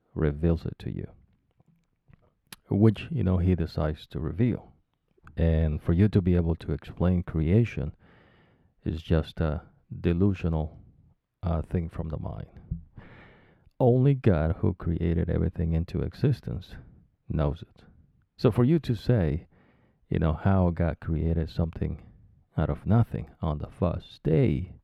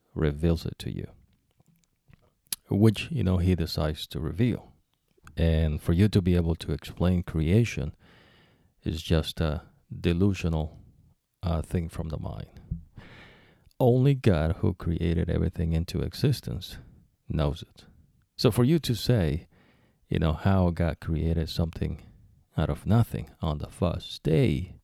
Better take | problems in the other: second | muffled; slightly; fading above 3.5 kHz

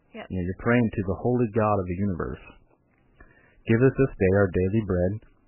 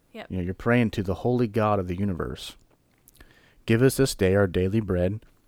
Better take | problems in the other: second | garbled, watery; badly; nothing above 3 kHz

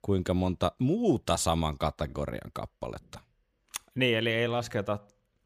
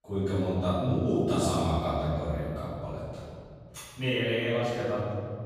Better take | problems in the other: first | off-mic speech; far // room echo; strong; dies away in 2.3 s

